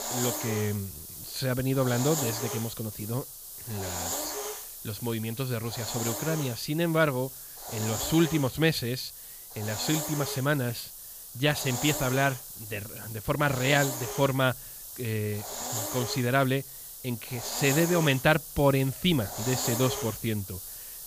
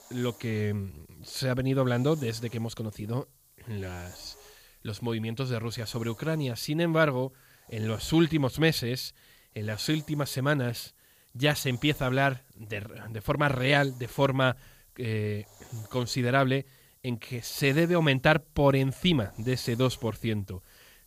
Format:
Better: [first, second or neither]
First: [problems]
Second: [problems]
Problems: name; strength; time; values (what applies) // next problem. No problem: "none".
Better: second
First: hiss; loud; throughout; 7 dB below the speech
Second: hiss; faint; throughout; 25 dB below the speech